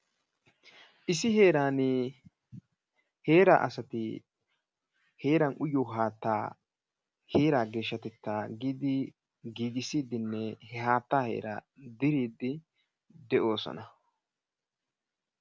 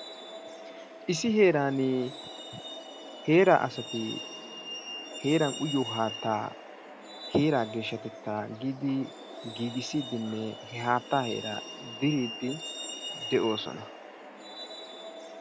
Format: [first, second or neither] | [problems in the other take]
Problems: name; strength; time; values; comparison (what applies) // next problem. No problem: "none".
first | background sound (Truck); 11 dB below the speech